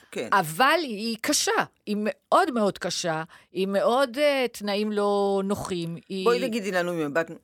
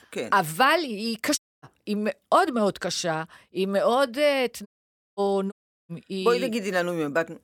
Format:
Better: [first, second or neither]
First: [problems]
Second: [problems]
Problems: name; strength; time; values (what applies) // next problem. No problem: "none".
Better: first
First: none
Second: audio cutting out; at 1.5 s, at 4.5 s for 0.5 s and at 5.5 s